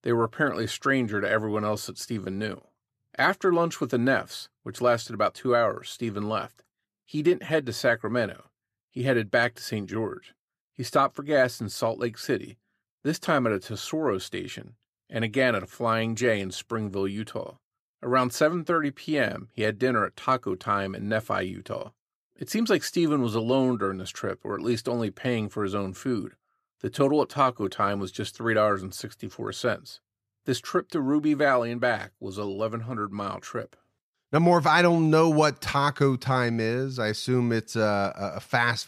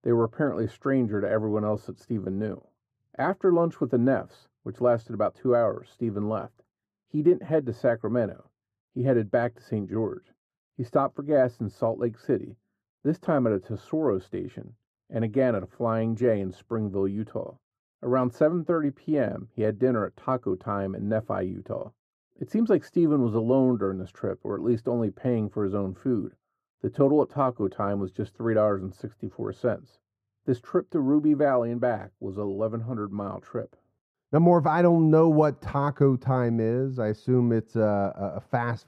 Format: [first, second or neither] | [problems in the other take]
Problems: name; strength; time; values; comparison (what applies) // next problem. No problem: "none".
first | muffled; very; fading above 1.5 kHz